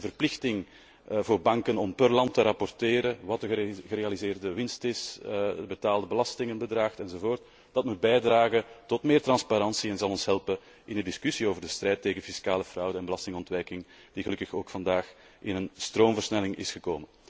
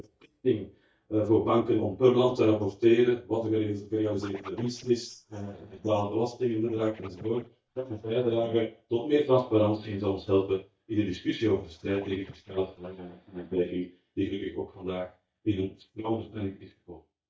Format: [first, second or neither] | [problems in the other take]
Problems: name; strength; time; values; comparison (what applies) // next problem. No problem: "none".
first | noise reduction (neural mask model DeepFilterNet 3)